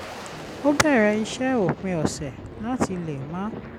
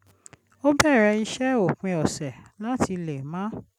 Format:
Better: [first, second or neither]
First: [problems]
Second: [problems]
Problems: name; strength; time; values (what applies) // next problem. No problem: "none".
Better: second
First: background sound (Boom); 13 dB below the speech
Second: none